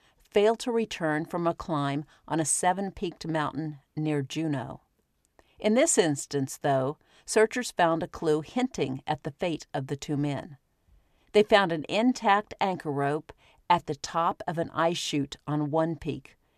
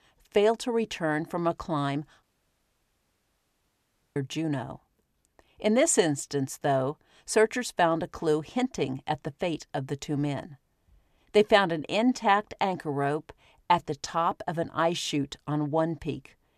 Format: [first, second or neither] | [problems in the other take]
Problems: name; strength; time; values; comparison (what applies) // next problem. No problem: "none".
first | audio cutting out; at 2 s for 2 s